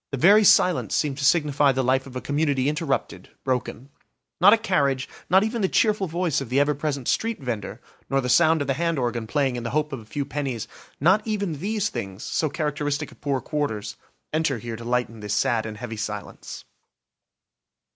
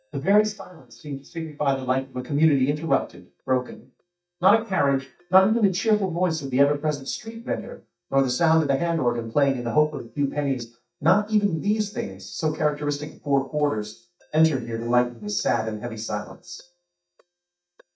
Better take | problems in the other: first | noise reduction (neural mask model DeepFilterNet 3)

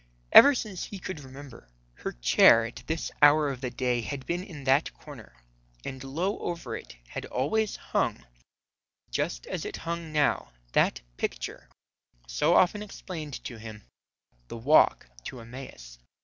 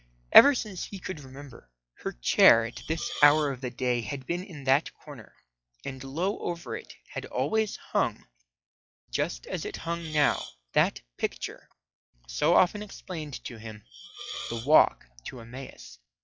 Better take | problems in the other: first | noise reduction (classical method log-MMSE)

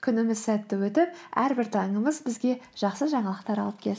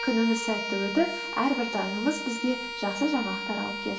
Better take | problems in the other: first | background sound (Bowed string instrument); 6 dB below the speech // room echo; dies away in 0.7 s

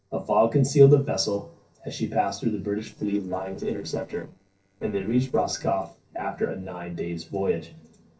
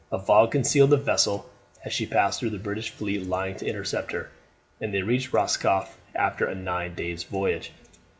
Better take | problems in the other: second | noise reduction (neural separator model SepFormer DNS4)

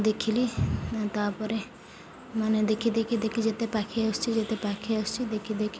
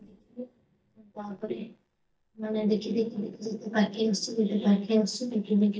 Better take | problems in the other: first | noise reduction (neural mask model DeepFilterNet 3)

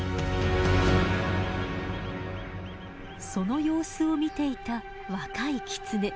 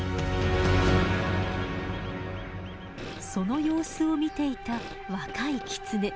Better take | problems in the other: first | background sound (Fart); 17 dB below the speech

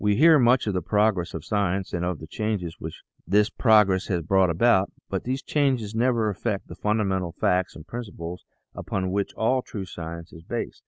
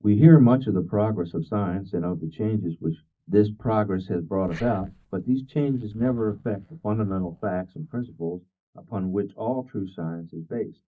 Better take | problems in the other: first | noise reduction (neural mask model DeepFilterNet 3)

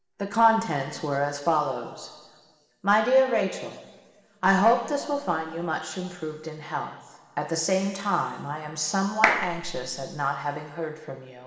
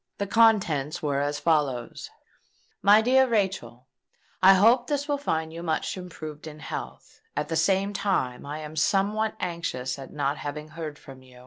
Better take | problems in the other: second | background sound (Clapping); 1 dB below the speech // room echo; dies away in 2 s

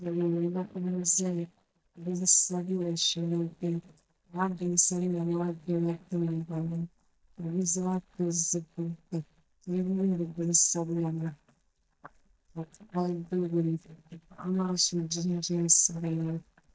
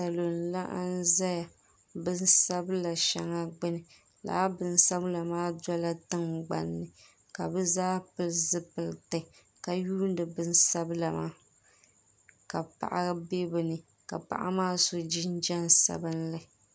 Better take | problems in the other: second | noise reduction (neural mask model DeepFilterNet 3)

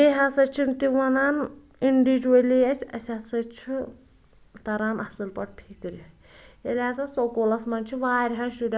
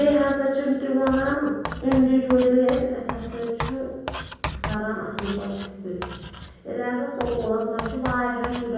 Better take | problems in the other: first | background sound (Writing); 11 dB below the speech // room echo; dies away in 1.3 s

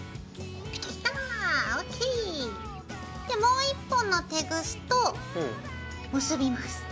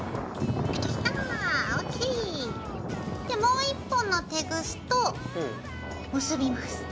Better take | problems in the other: first | background sound (Thunder); 5 dB below the speech

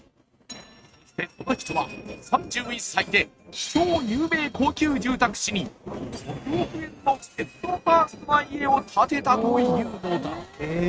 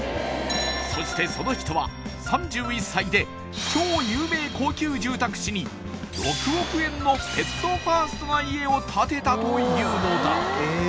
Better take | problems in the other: second | noise reduction (neural mask model RNNoise)

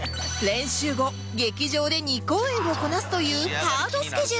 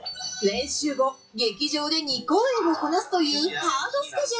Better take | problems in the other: first | noise reduction (classical method WPE with log-MMSE)

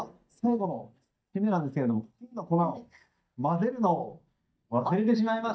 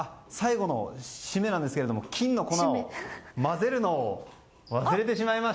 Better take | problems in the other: second | noise reduction (neural mask model DeepFilterNet 3)

